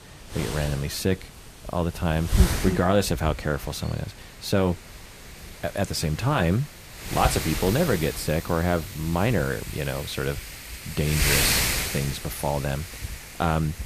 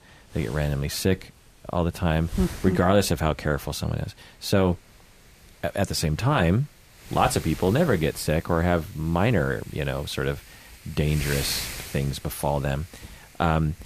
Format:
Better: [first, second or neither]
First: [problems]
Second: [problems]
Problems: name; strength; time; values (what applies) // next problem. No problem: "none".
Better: second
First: wind noise on the microphone; heavy; 2 dB below the speech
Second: wind noise on the microphone; occasional gusts; 15 dB below the speech